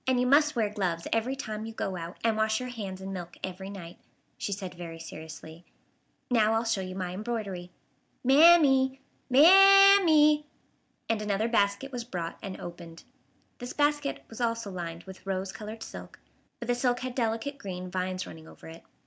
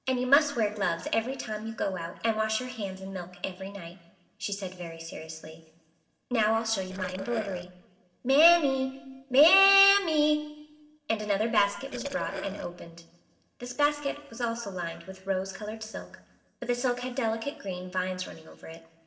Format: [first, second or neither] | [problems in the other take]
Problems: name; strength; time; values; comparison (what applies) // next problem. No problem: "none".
first | noise reduction (neural separator model SepFormer DNS4)